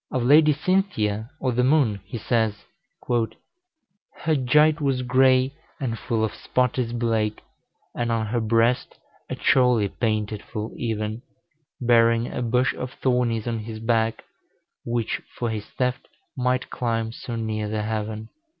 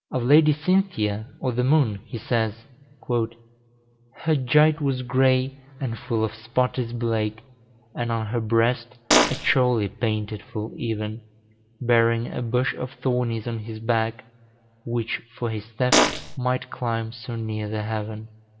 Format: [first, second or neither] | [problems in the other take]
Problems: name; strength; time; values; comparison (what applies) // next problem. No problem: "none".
first | background sound (Fart); 4 dB above the speech // room echo; dies away in 0.4 s